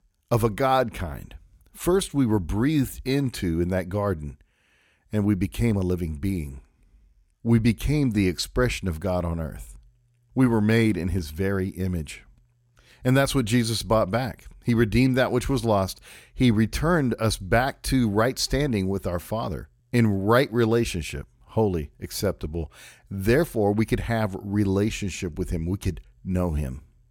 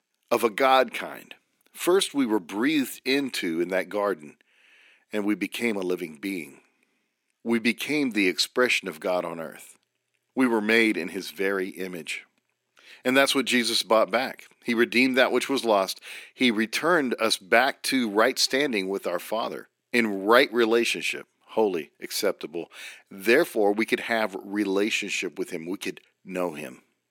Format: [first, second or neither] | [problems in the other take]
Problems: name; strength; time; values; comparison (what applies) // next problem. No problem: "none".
first | thin; somewhat; fading below 250 Hz